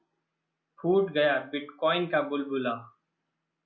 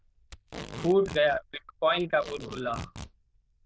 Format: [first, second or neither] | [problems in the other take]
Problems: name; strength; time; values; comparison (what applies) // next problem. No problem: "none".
first | noise reduction (neural diffusion model UNIVERSE++)